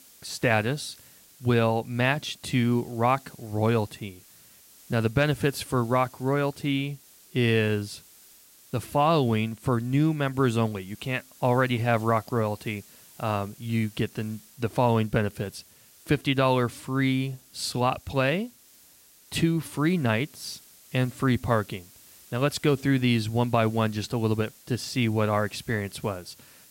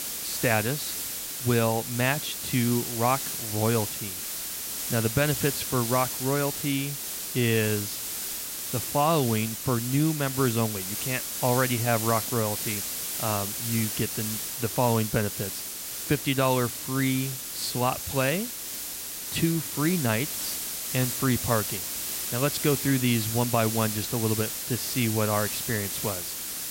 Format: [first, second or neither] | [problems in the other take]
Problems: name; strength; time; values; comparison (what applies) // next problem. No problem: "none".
first | hiss; loud; throughout; 3 dB below the speech; faint in the first